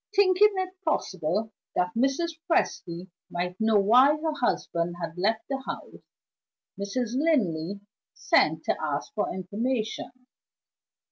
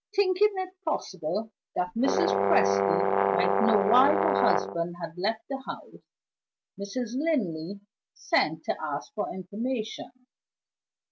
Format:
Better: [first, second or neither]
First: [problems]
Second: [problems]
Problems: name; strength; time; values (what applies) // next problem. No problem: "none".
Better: first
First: none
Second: background sound (Brass instrument); 4 dB above the speech